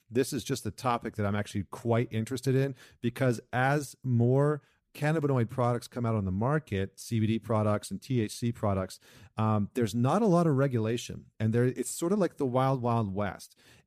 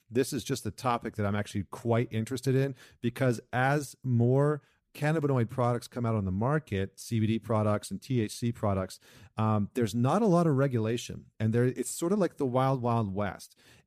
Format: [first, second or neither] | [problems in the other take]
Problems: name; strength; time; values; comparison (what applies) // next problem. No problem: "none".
neither | none